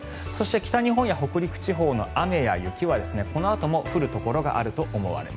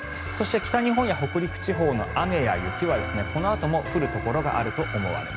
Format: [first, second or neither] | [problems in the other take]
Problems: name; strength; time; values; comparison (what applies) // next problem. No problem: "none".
first | background sound (Piano + Alarm); 9 dB below the speech